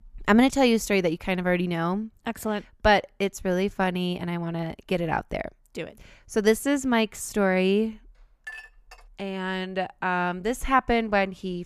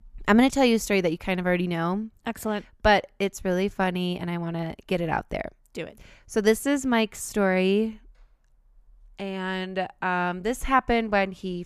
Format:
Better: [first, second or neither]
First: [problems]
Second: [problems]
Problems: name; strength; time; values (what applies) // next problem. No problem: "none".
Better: second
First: clattering dishes; faint; at 8.5 s; peak 15 dB below the speech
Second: none